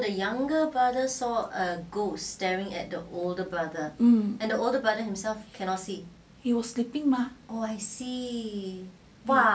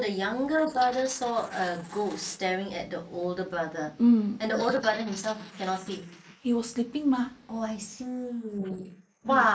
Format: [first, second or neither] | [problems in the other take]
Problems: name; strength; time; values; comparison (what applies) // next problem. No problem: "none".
first | noise reduction (neural mask model Resemble Enhance denoiser)